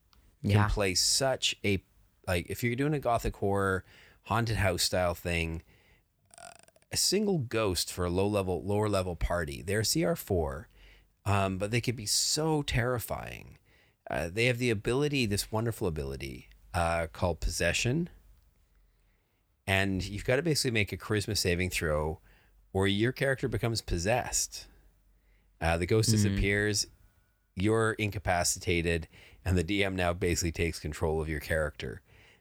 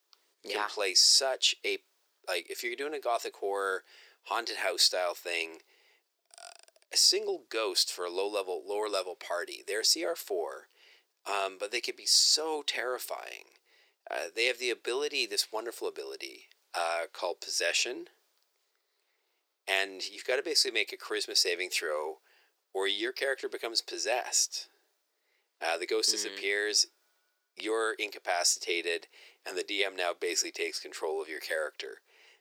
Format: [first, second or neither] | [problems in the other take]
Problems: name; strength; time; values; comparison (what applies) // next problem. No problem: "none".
first | thin; very; fading below 350 Hz